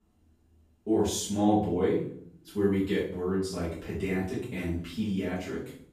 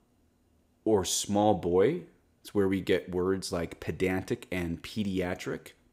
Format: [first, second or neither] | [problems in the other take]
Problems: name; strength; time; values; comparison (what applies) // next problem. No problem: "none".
second | off-mic speech; far // room echo; noticeable; dies away in 0.5 s